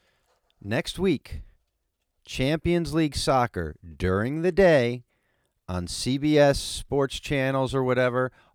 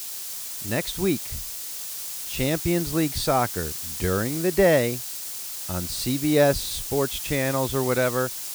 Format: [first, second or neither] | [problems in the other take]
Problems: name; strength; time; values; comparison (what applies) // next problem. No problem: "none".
first | hiss; loud; throughout; 6 dB below the speech